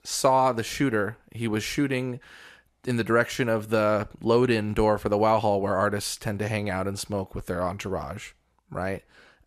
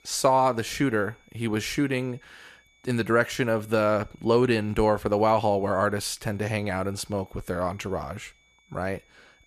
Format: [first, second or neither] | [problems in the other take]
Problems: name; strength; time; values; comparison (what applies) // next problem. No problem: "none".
first | high-pitched whine; faint; throughout; 2.5 kHz, 35 dB below the speech